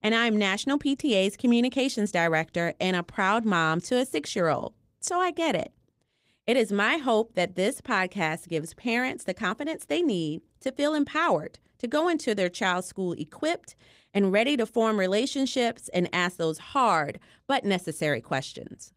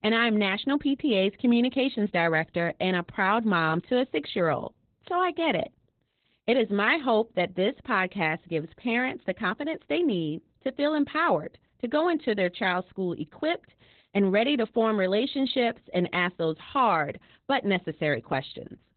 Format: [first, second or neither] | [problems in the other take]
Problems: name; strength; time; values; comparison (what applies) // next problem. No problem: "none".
first | garbled, watery; badly; nothing above 4 kHz; slightly in the first